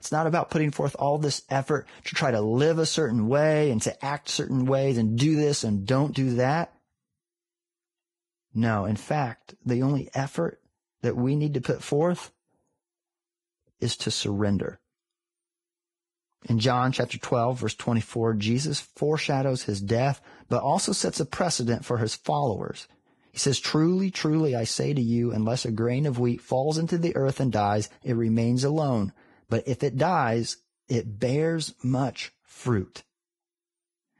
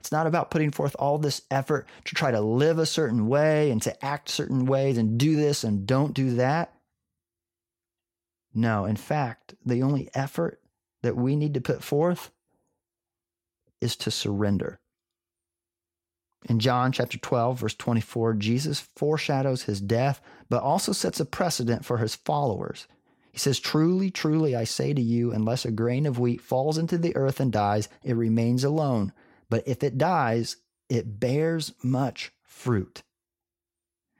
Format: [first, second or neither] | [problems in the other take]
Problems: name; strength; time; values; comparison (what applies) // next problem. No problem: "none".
second | garbled, watery; badly; nothing above 10 kHz